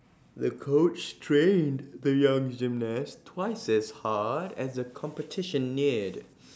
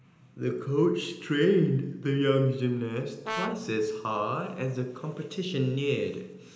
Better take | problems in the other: first | background sound (Brass instrument); 9 dB below the speech // room echo; dies away in 0.9 s

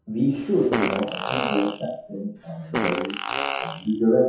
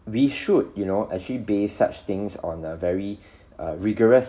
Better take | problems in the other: second | noise reduction (classical method WPE with log-MMSE)

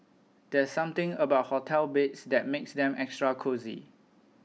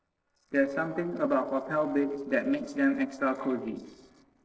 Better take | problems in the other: first | noise reduction (neural separator model SepFormer DNS4)

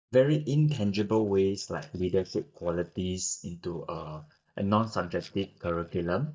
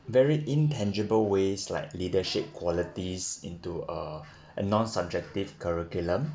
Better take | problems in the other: second | noise reduction (neural mask model DeepFilterNet 3)

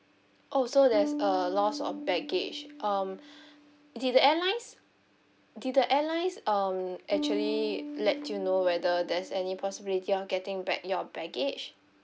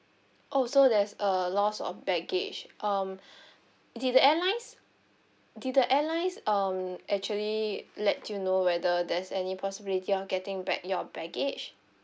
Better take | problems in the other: second | background sound (Bass guitar); 11 dB below the speech

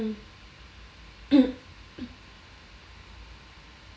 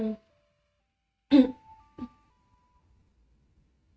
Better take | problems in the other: first | noise reduction (neural mask model RNNoise)

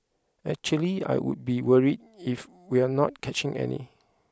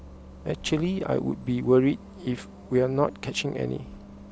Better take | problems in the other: first | background sound (Bus); 17 dB below the speech

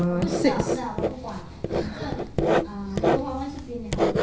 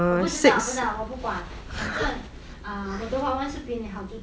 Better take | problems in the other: second | background sound (Writing); 3 dB above the speech // room echo; dies away in 0.5 s

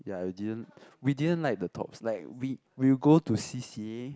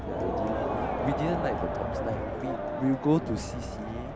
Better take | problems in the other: first | background sound (Crowd); as loud as the speech

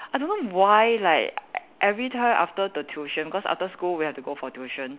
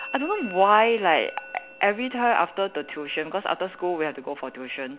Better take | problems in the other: first | background sound (Musical instrument); 18 dB below the speech

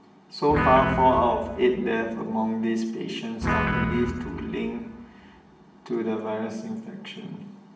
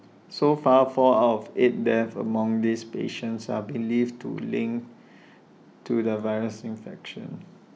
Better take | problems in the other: second | background sound (Guitar); 4 dB below the speech // room echo; dies away in 0.8 s

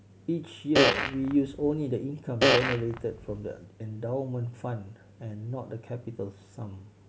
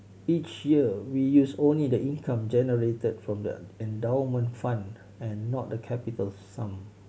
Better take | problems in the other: second | background sound (Fart); 4 dB above the speech

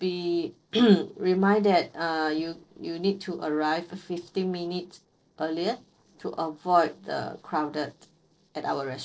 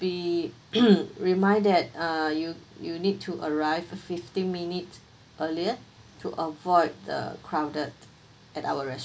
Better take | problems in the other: second | noise reduction (neural separator model SepFormer DNS4)

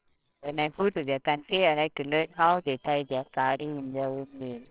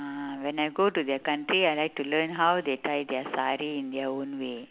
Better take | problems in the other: second | noise reduction (neural separator model SepFormer WHAMR!)

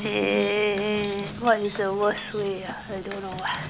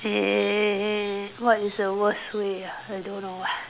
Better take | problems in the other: second | background sound (Mechanisms + Bass guitar); 11 dB below the speech

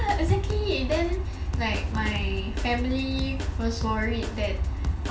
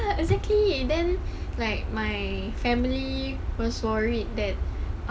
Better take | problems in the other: second | background sound (Drum kit); 11 dB below the speech // room echo; dies away in 0.4 s

